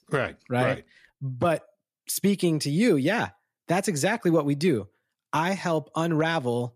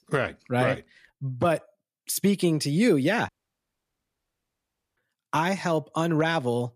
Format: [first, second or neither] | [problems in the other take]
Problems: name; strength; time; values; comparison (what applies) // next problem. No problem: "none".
first | audio cutting out; at 3.5 s for 1.5 s